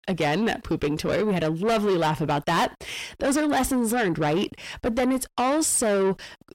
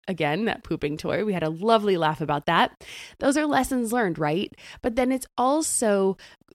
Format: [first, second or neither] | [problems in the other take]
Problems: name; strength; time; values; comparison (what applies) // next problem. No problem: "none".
second | distortion; heavy; 7 dB below the speech